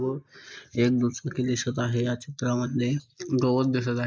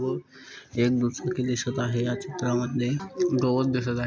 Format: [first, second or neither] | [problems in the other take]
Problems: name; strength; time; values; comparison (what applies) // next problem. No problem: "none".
second | noise reduction (neural mask model Resemble Enhance denoiser)